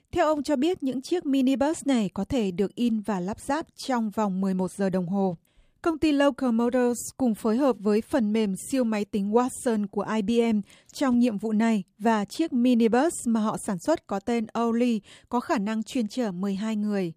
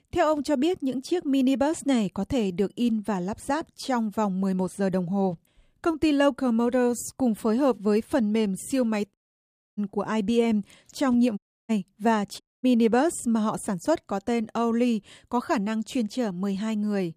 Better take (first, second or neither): first